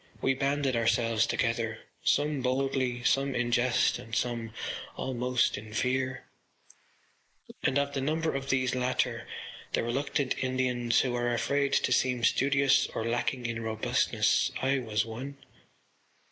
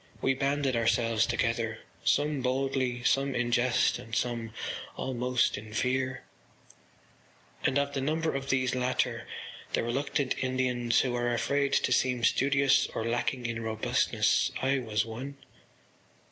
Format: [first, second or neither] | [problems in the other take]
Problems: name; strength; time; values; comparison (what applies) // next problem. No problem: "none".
second | noise reduction (neural mask model Resemble Enhance denoiser)